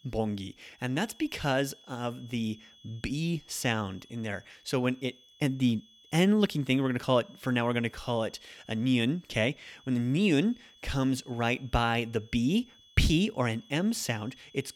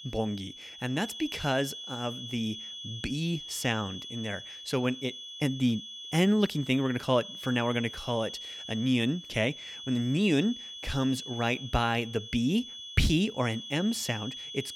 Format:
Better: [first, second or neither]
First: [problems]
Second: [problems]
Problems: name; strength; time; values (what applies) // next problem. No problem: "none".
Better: first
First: high-pitched whine; faint; throughout; 3.5 kHz, 25 dB below the speech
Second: high-pitched whine; loud; throughout; 3.5 kHz, 10 dB below the speech